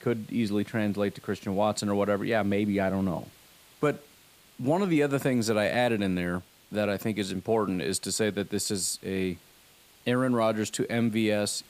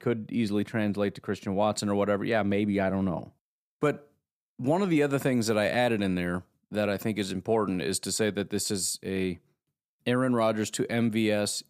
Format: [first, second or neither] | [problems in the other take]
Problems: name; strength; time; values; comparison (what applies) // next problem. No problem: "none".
second | hiss; faint; throughout; 25 dB below the speech